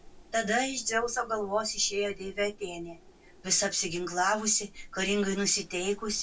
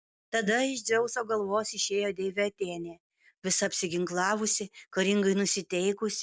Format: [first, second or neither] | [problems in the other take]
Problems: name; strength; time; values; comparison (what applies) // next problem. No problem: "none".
second | background sound (Wind); 19 dB below the speech // room echo; dies away in 0.1 s